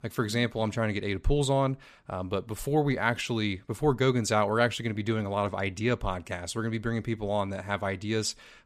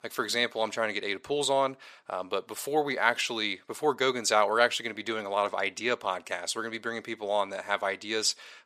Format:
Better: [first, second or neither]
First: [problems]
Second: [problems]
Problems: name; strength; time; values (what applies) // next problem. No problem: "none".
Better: first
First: none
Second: thin; somewhat; fading below 500 Hz